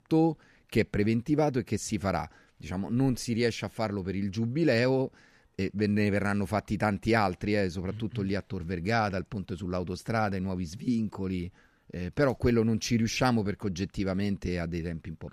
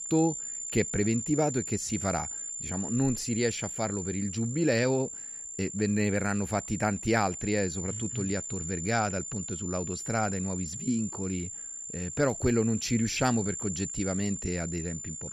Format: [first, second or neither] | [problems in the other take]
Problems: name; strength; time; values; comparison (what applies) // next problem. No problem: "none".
first | high-pitched whine; loud; throughout; 7 kHz, 5 dB below the speech